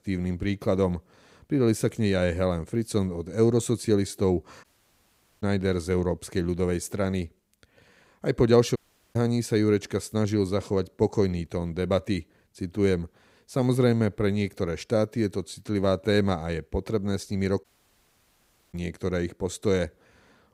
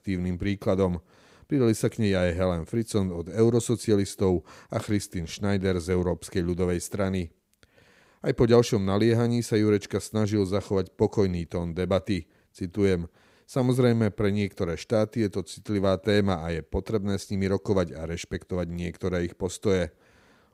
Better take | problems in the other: second | audio cutting out; at 4.5 s for 1 s, at 9 s and at 18 s for 1 s

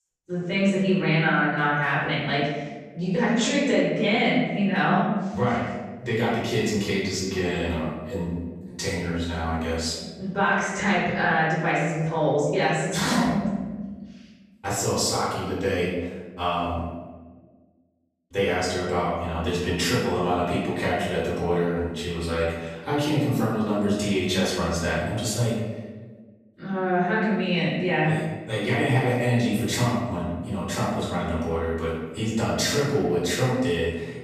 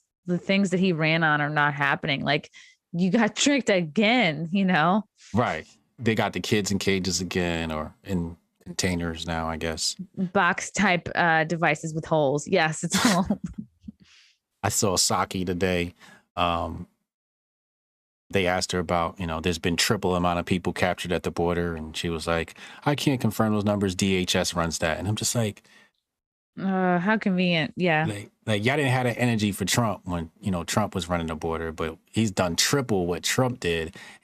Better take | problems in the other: second | off-mic speech; far // room echo; noticeable; dies away in 1.2 s

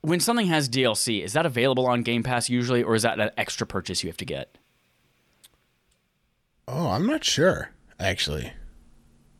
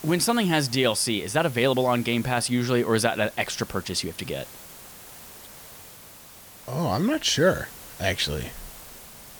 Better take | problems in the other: first | hiss; noticeable; throughout; 20 dB below the speech

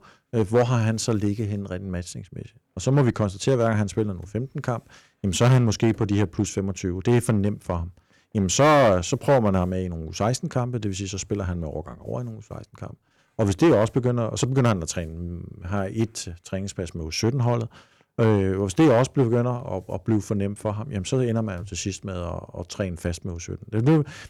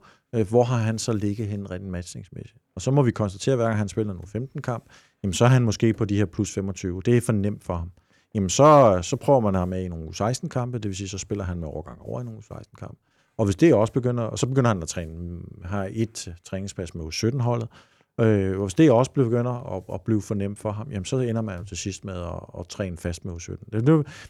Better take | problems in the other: second | distortion; slight; 3% of the sound clipped

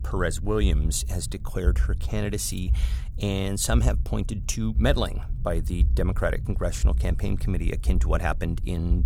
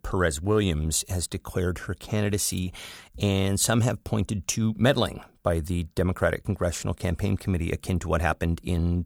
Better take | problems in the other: second | low rumble; noticeable; throughout; 15 dB below the speech

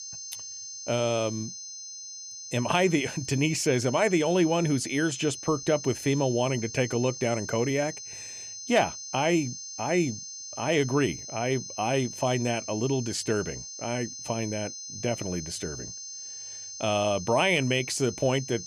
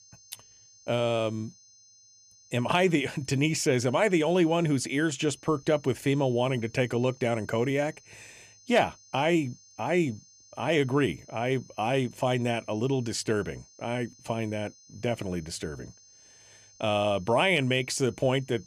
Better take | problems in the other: second | high-pitched whine; loud; throughout; 6 kHz, 10 dB below the speech; faint in the second

